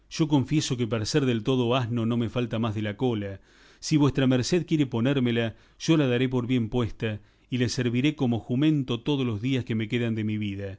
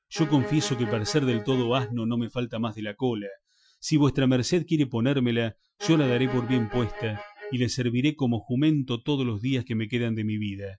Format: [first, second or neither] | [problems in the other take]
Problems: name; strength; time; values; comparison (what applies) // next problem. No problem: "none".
first | noise reduction (classical method Wiener filter)